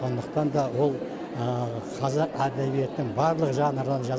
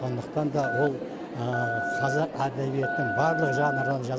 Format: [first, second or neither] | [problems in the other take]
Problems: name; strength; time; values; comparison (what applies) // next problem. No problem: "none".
first | background sound (Telephone); 3 dB below the speech